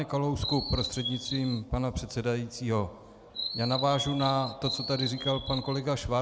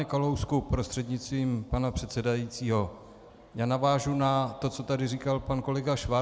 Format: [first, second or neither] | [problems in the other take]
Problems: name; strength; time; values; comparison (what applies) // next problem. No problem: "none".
second | background sound (Chirp, tweet); 6 dB below the speech